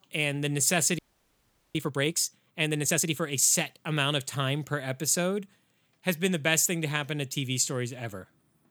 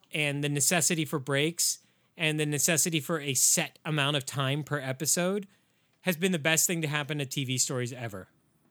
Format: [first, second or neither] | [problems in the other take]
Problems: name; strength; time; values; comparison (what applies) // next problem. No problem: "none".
second | audio freezing; at 1 s for 1 s